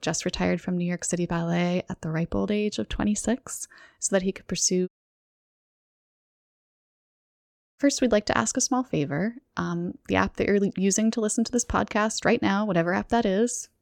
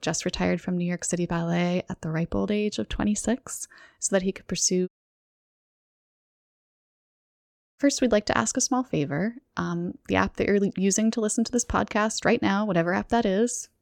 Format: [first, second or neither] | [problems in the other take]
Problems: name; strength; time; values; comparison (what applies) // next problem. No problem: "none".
neither | audio cutting out; at 5 s for 3 s; the same in both